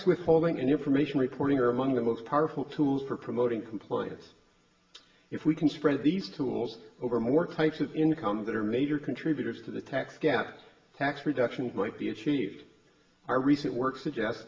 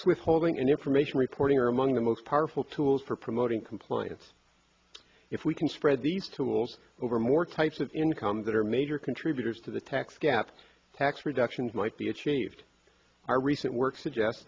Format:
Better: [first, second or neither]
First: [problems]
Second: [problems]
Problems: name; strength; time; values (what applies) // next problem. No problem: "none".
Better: second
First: room echo; dies away in 0.9 s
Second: none